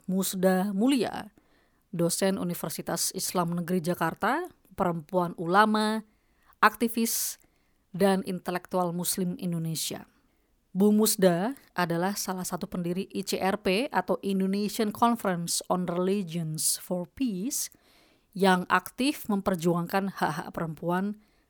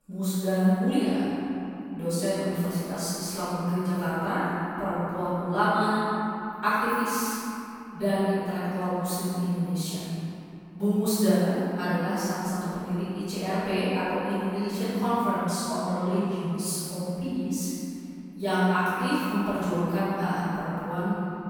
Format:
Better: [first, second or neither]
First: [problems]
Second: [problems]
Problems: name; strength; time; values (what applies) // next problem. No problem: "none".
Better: first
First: none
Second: off-mic speech; far // room echo; strong; dies away in 2.9 s